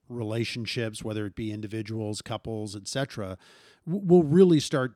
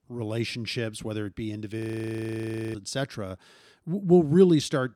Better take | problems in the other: first | audio freezing; at 2 s for 1 s

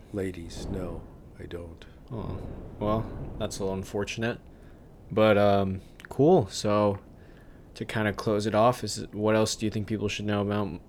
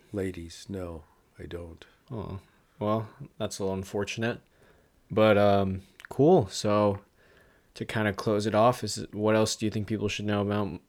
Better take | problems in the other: second | wind noise on the microphone; occasional gusts; 25 dB below the speech

